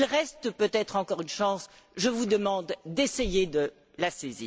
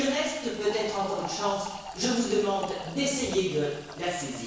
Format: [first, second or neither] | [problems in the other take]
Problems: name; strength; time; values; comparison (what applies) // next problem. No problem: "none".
first | background sound (Fill (with liquid)); 13 dB below the speech // room echo; dies away in 1.1 s